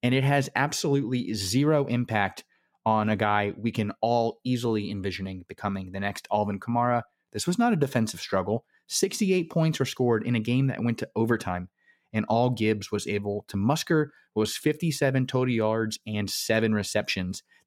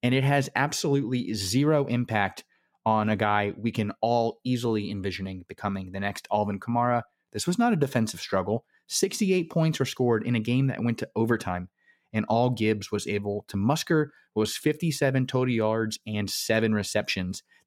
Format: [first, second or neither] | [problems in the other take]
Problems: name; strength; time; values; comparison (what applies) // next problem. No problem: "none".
neither | none